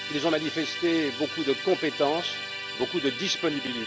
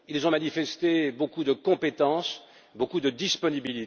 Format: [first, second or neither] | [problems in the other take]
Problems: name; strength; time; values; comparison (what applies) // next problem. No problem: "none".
second | background sound (Musical instrument); 7 dB below the speech